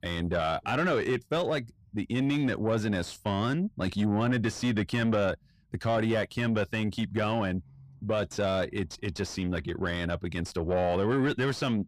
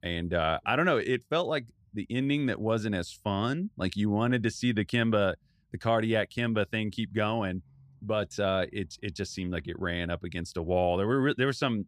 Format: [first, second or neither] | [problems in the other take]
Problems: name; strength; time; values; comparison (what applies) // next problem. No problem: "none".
second | distortion; slight; 10 dB below the speech